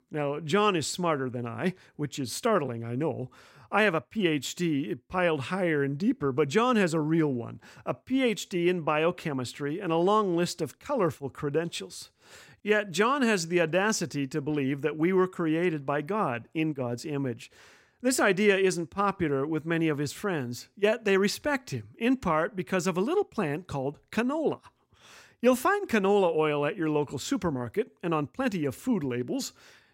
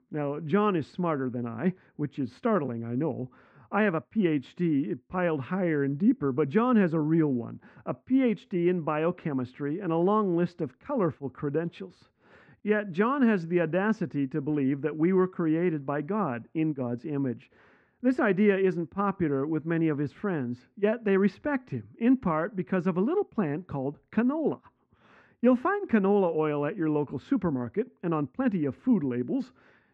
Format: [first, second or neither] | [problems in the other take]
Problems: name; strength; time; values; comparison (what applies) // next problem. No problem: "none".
first | muffled; very; fading above 1.5 kHz